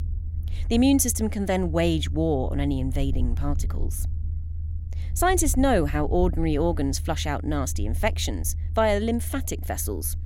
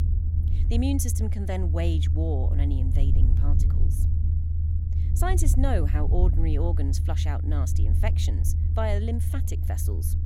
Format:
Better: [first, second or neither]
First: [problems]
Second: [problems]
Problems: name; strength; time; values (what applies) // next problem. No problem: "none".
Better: first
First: low rumble; faint; throughout; 20 dB below the speech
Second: low rumble; loud; throughout; 7 dB below the speech